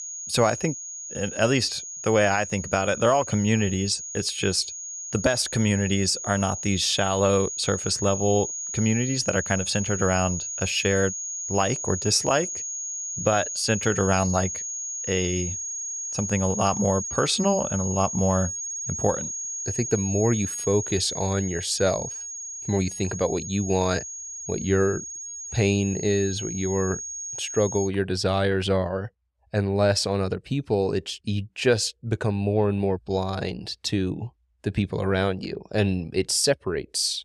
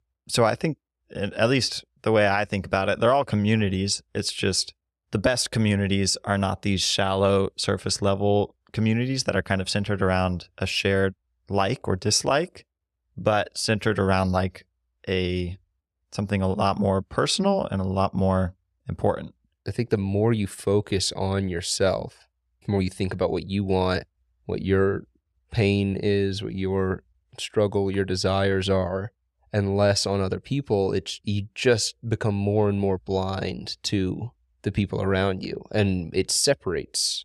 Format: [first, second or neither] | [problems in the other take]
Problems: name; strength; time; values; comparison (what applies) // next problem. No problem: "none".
second | high-pitched whine; loud; until 28 s; 6.5 kHz, 6 dB below the speech